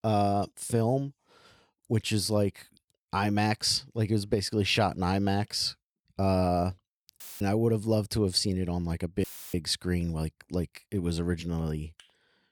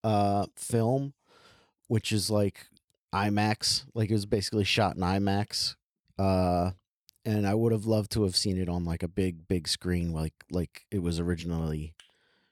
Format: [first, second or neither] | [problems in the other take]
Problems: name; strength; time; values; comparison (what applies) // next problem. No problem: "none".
second | audio cutting out; filled with static; at 7 s and at 9 s